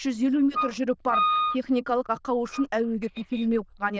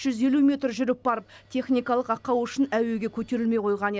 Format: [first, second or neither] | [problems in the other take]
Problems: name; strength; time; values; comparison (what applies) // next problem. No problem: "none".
second | noise reduction (neural diffusion model UNIVERSE++)